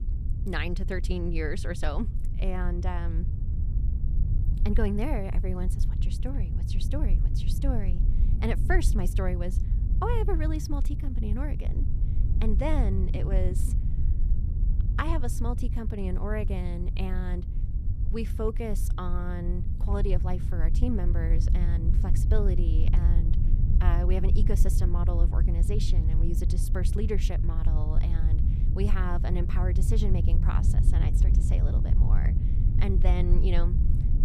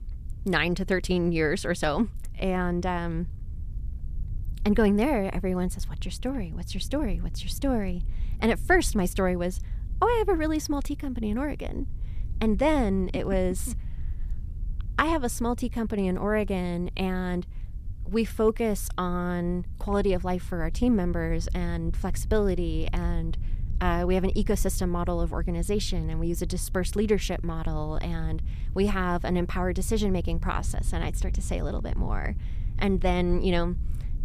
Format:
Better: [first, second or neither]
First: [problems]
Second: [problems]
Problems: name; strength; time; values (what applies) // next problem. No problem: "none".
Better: second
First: low rumble; loud; throughout; 7 dB below the speech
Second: low rumble; faint; throughout; 25 dB below the speech